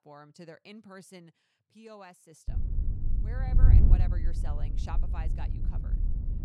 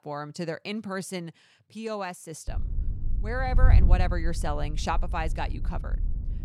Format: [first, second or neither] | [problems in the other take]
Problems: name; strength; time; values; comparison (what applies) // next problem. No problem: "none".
second | wind noise on the microphone; heavy; from 2.5 s on; 1 dB above the speech; occasional gusts in the second